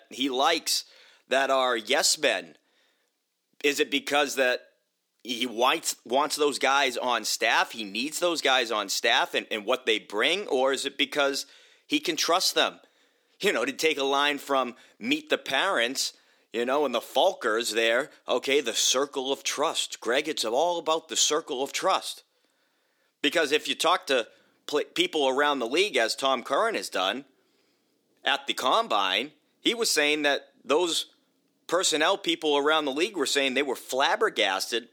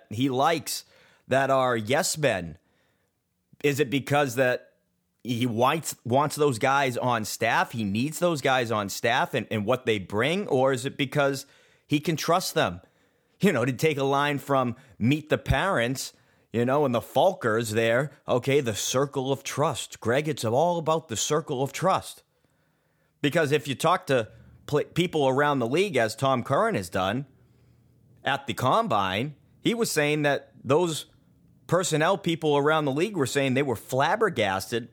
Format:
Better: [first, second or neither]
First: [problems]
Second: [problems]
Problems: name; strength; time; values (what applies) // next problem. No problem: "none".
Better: second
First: thin; very slightly; fading below 300 Hz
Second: none